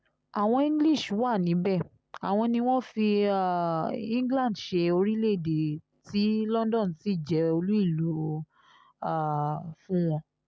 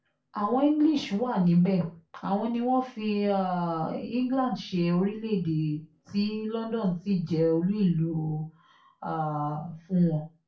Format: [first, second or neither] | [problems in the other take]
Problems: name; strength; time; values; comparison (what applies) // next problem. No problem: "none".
first | room echo; dies away in 0.3 s